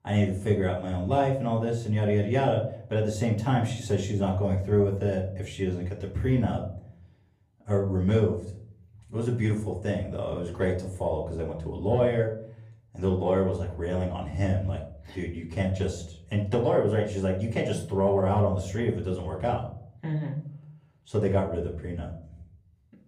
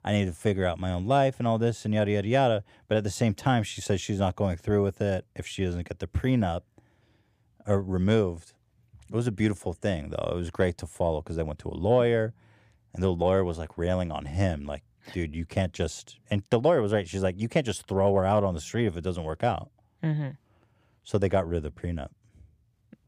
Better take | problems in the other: second | off-mic speech; far // room echo; slight; dies away in 0.6 s

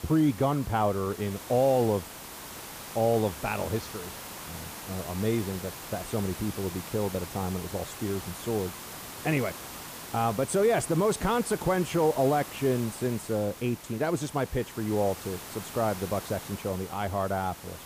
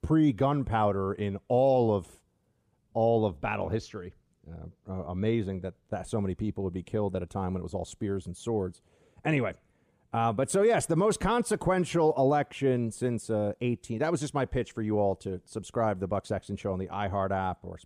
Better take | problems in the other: second | hiss; noticeable; throughout; 10 dB below the speech

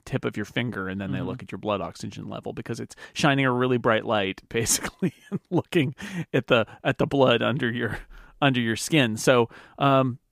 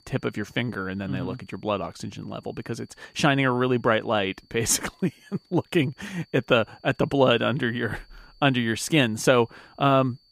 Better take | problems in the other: first | high-pitched whine; faint; throughout; 4.5 kHz, 35 dB below the speech

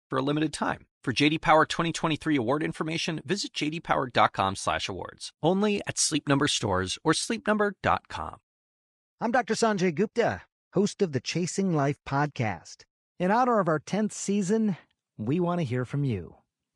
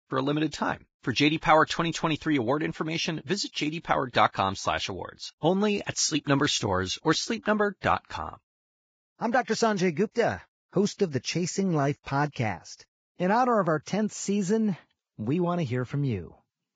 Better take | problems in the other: first | garbled, watery; badly; nothing above 7.5 kHz; slightly in the first

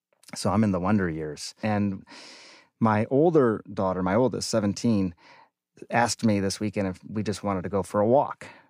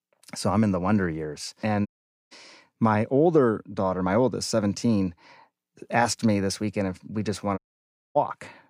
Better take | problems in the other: first | audio cutting out; at 2 s and at 7.5 s for 0.5 s

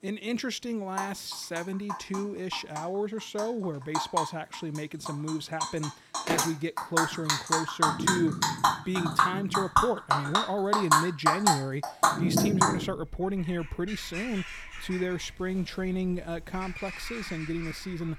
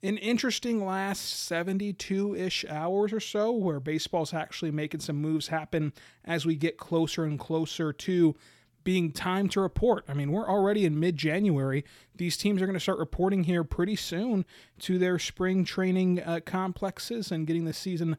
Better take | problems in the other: second | animal sounds; very loud; throughout; 4 dB above the speech

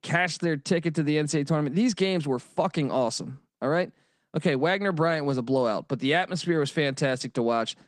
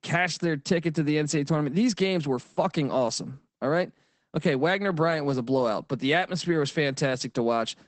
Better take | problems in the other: first | garbled, watery; badly; nothing above 8 kHz; slightly in the first

